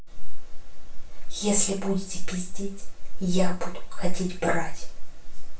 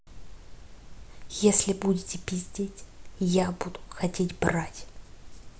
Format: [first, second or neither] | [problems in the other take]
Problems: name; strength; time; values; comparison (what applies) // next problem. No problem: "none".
second | room echo; dies away in 0.3 s